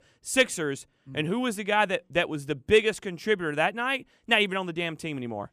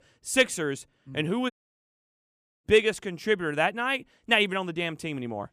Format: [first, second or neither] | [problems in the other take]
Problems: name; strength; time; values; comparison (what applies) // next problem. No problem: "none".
first | audio cutting out; at 1.5 s for 1 s